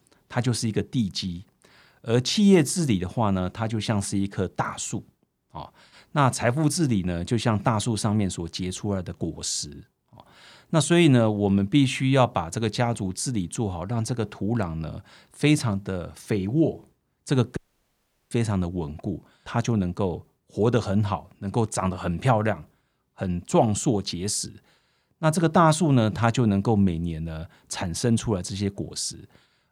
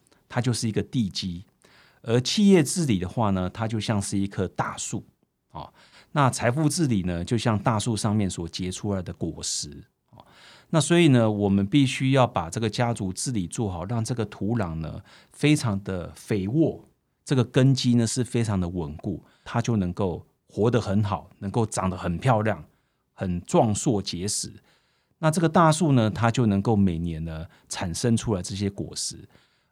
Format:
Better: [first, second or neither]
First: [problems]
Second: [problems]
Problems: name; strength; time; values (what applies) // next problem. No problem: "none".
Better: second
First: audio cutting out; at 18 s for 0.5 s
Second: none